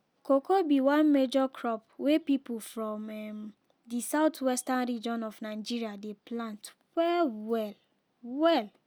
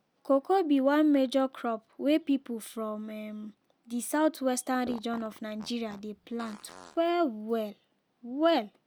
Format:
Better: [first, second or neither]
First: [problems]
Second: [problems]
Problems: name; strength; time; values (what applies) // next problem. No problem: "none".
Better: first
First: none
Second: background sound (Fart); 20 dB below the speech